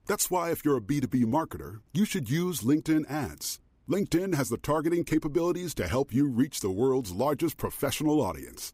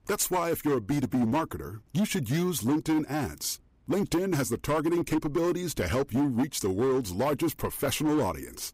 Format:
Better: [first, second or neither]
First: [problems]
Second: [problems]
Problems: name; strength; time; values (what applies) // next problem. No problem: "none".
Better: first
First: none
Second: distortion; slight; 13% of the sound clipped